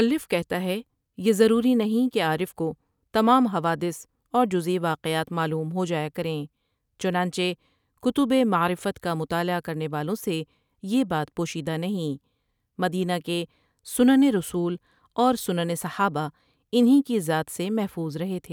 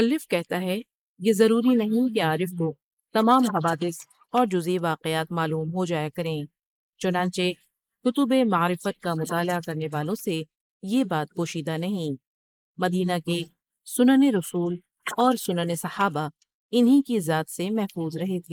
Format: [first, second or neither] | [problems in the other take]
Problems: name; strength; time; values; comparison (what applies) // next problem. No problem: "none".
first | noise reduction (neural mask model Resemble Enhance denoiser)